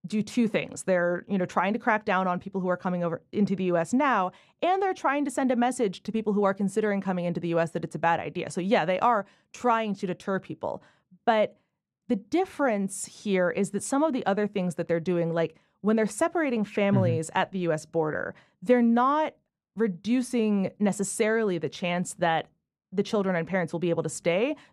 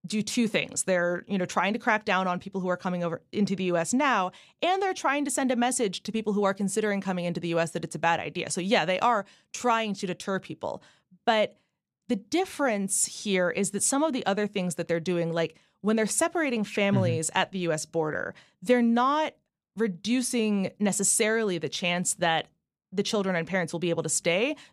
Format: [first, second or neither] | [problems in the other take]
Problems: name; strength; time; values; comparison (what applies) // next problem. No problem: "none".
second | muffled; slightly; fading above 2.5 kHz